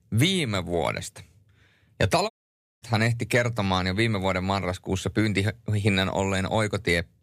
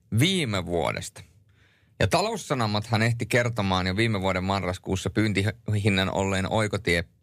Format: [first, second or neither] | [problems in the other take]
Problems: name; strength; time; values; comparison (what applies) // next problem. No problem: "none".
second | audio cutting out; at 2.5 s for 0.5 s